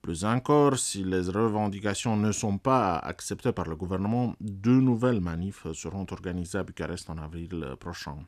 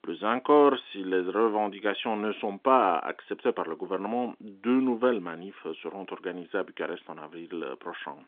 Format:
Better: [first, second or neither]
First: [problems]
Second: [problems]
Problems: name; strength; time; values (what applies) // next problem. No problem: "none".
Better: first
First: none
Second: phone-call audio; nothing above 3.5 kHz